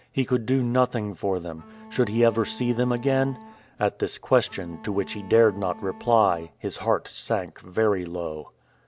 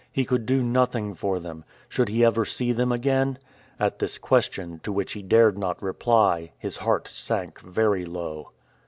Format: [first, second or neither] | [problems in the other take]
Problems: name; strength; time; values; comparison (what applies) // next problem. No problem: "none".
second | background sound (Bowed string instrument); 19 dB below the speech